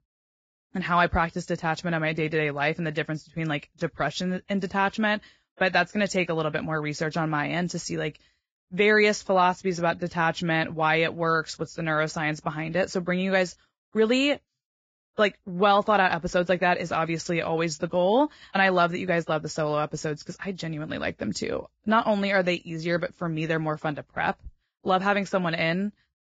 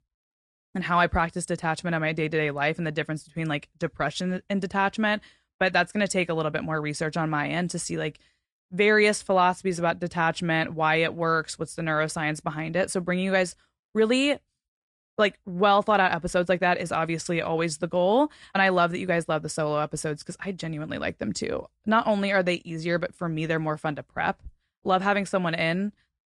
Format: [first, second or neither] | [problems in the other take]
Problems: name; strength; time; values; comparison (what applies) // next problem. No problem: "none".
second | garbled, watery; badly; nothing above 7.5 kHz; slightly in the second